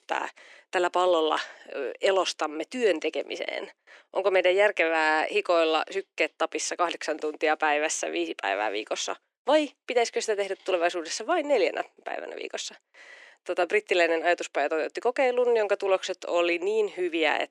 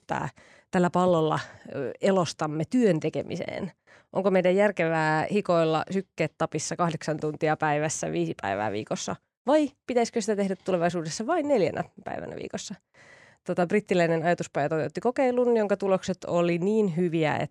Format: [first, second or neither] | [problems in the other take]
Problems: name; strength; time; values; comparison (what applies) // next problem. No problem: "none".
second | thin; very; fading below 300 Hz